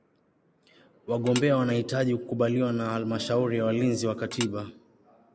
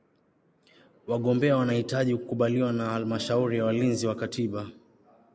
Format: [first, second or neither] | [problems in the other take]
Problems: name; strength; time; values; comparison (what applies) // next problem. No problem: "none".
second | background sound (Tap / Dishes, pots, and pans); 10 dB below the speech